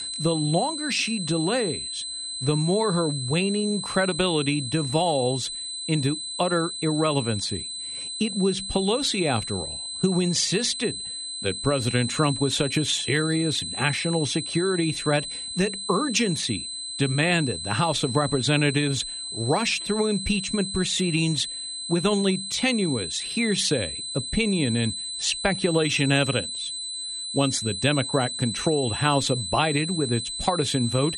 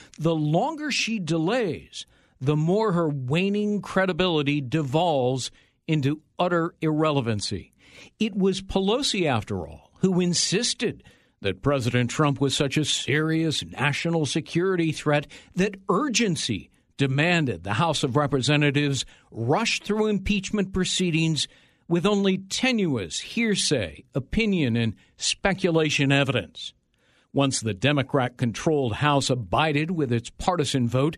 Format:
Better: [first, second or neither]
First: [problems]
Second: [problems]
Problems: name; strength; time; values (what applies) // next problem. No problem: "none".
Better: second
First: high-pitched whine; loud; throughout; 4 kHz, 5 dB below the speech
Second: none